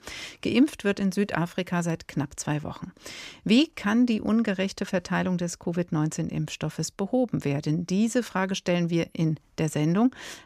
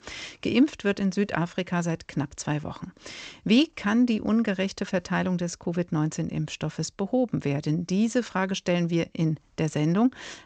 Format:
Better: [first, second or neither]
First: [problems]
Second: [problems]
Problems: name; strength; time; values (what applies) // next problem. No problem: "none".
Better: first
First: none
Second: garbled, watery; slightly; nothing above 8 kHz